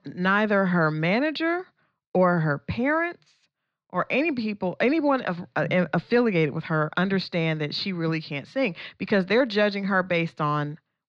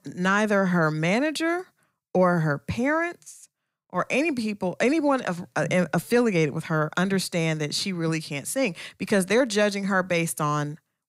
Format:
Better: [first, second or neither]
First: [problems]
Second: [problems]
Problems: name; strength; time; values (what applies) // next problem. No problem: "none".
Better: second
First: muffled; very slightly; fading above 4.5 kHz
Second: none